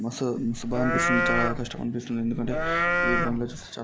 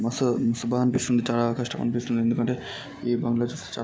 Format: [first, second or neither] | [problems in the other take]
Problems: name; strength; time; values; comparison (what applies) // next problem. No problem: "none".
second | background sound (Livestock, farm animals, working animals); 2 dB above the speech